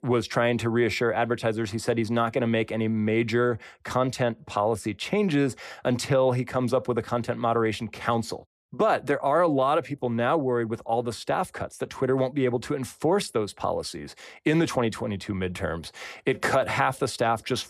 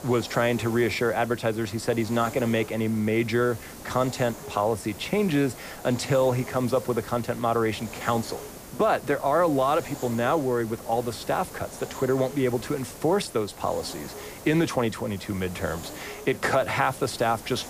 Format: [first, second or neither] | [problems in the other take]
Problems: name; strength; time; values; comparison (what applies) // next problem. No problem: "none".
first | hiss; noticeable; throughout; 15 dB below the speech